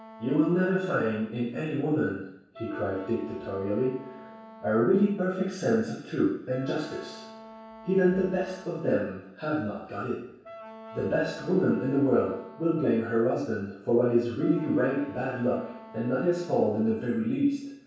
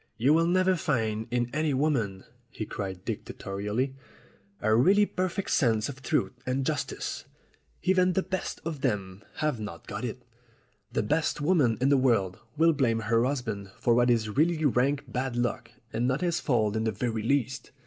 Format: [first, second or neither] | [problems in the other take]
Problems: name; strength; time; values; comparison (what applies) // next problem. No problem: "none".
second | background sound (Wind instrument, woodwind instrument); 20 dB below the speech // room echo; dies away in 0.7 s